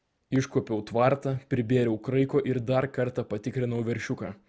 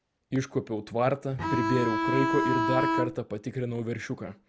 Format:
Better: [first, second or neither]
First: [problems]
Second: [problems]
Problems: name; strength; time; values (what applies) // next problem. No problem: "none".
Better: first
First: none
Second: background sound (Bowed string instrument); 3 dB above the speech